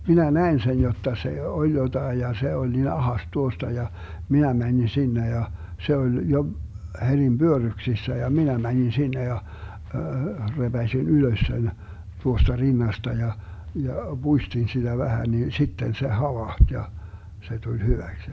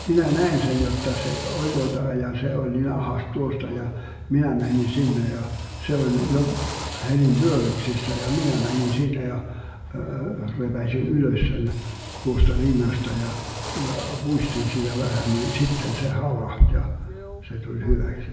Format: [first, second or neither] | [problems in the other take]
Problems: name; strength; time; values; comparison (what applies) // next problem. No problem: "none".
first | background sound (Drill); 14 dB below the speech // room echo; dies away in 1 s